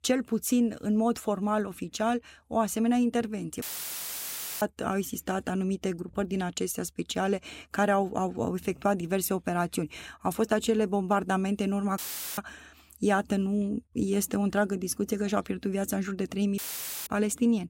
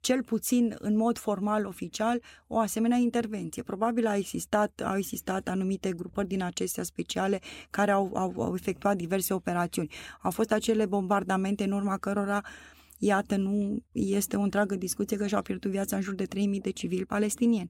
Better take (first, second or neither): second